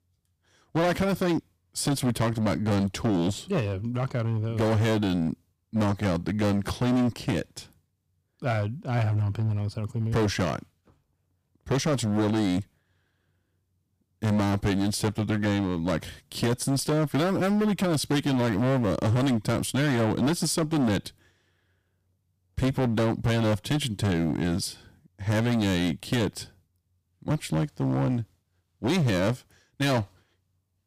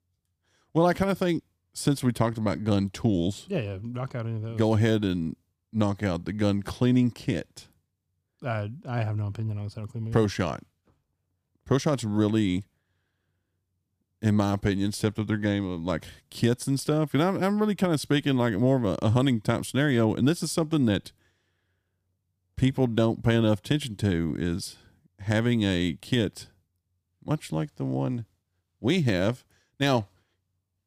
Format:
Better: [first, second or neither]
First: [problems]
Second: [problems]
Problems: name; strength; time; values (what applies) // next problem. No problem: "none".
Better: second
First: distortion; heavy; 15% of the sound clipped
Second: none